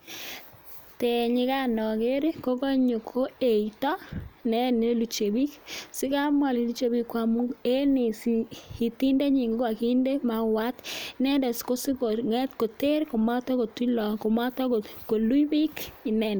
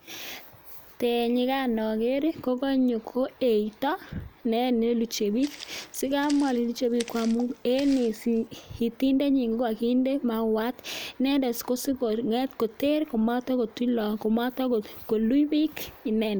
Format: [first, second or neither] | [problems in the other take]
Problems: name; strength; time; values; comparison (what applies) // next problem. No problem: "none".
first | background sound (Walk, footsteps); 19 dB below the speech